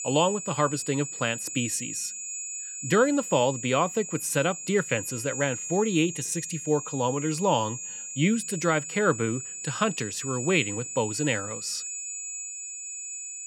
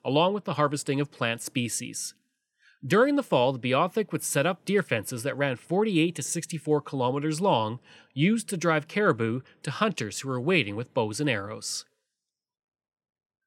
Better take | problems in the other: second | high-pitched whine; loud; throughout; 7 kHz, 7 dB below the speech

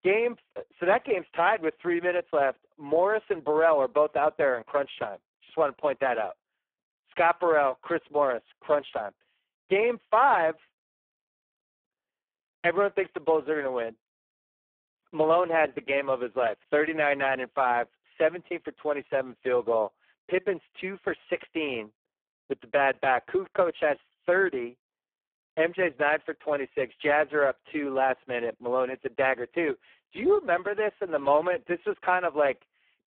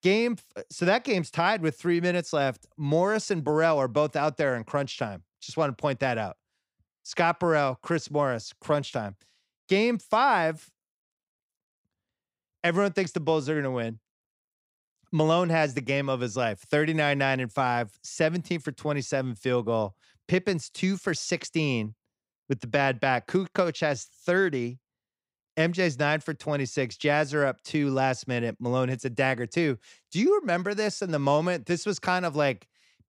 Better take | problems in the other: second | phone-call audio; poor line

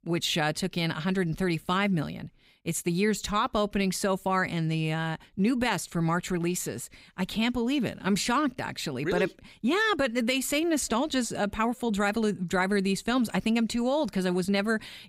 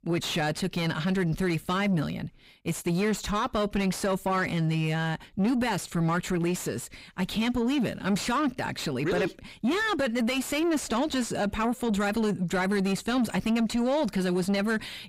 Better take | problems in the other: first | distortion; slight; 9 dB below the speech

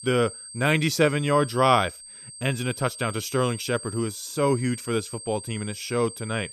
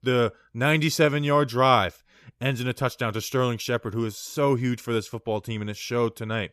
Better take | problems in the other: second | high-pitched whine; noticeable; throughout; 8.5 kHz, 15 dB below the speech

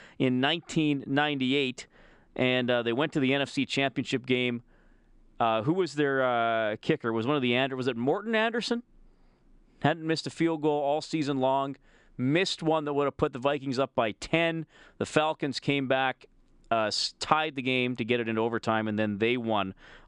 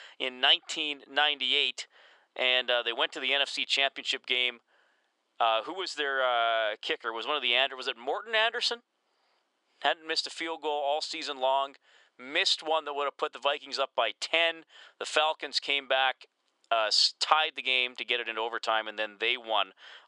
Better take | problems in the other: first | thin; very; fading below 600 Hz

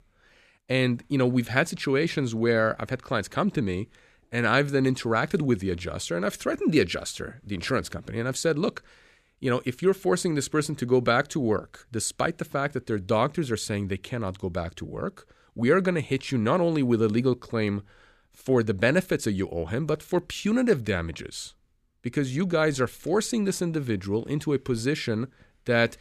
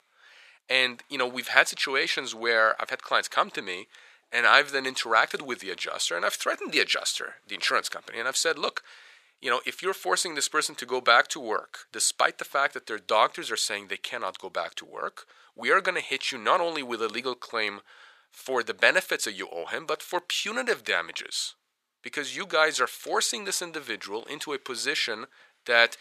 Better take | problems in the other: first | thin; very; fading below 900 Hz

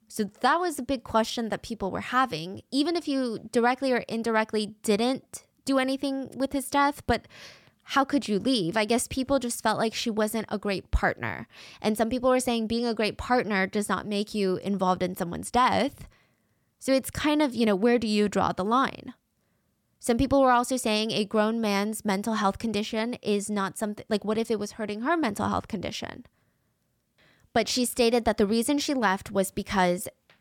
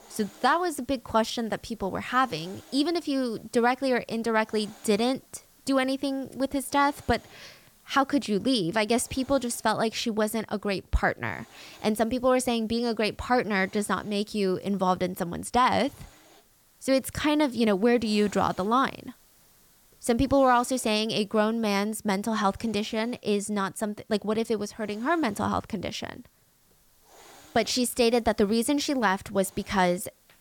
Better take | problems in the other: first | hiss; faint; throughout; 30 dB below the speech

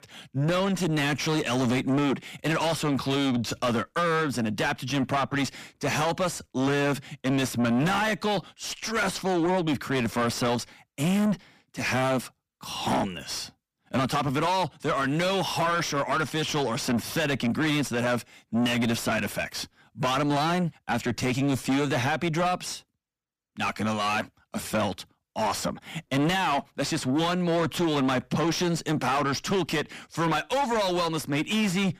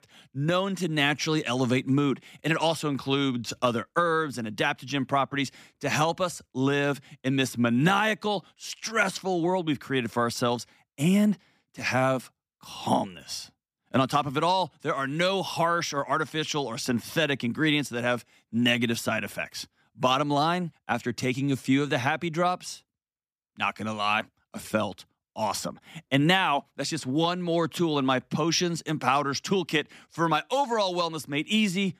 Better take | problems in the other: second | distortion; heavy; 6 dB below the speech

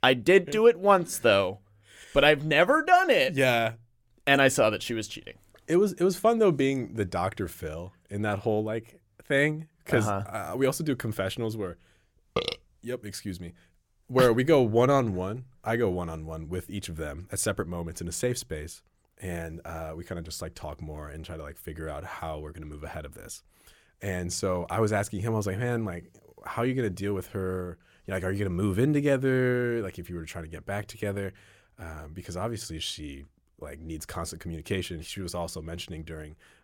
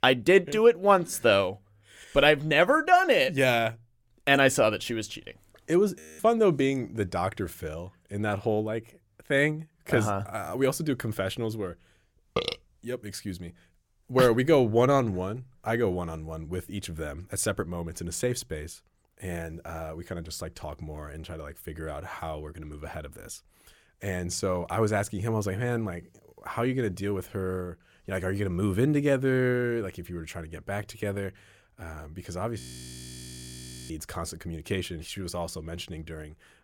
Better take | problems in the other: first | audio freezing; at 6 s and at 33 s for 1.5 s

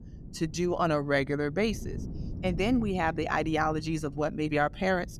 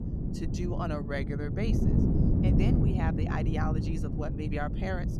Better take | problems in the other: first | wind noise on the microphone; heavy; 1 dB below the speech; occasional gusts in the first

